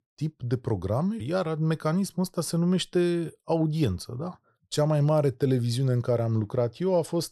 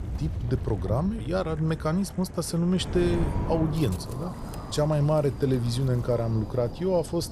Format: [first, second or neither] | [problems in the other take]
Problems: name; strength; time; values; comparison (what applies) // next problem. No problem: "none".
first | wind noise on the microphone; occasional gusts; 10 dB below the speech